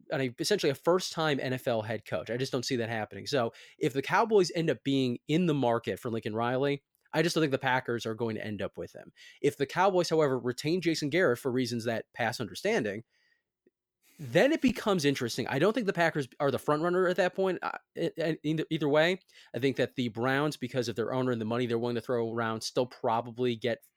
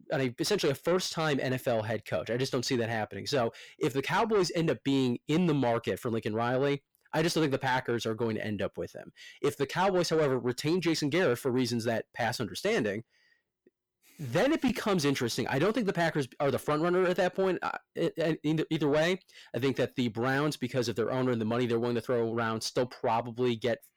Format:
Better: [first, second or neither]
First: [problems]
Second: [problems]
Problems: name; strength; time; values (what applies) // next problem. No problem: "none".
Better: first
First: none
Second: distortion; slight; 10 dB below the speech